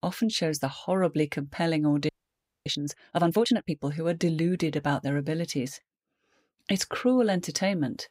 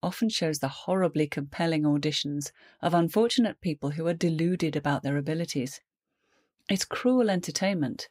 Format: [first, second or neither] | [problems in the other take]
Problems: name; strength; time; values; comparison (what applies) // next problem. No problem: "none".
second | audio freezing; at 2 s for 0.5 s